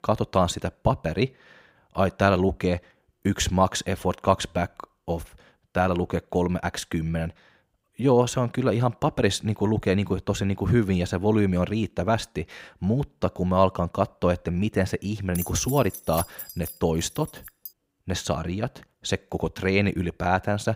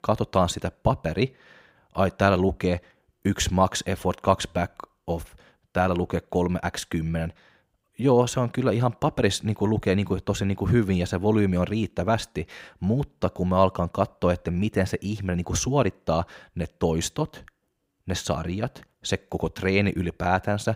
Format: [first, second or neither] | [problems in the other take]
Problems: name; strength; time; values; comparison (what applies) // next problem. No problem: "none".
second | jangling keys; noticeable; from 15 to 18 s; peak 8 dB below the speech